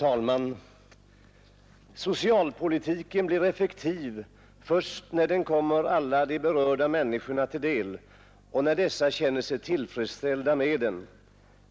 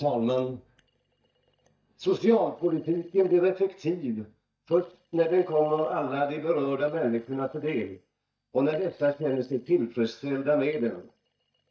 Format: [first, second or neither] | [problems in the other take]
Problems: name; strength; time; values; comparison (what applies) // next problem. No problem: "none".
first | noise reduction (neural mask model DeepFilterNet 3)